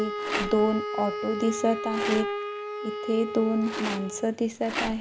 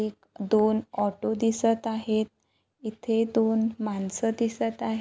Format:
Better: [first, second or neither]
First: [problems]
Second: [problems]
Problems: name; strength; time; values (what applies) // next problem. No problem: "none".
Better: second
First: background sound (Rattle + Wind instrument, woodwind instrument); 4 dB below the speech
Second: none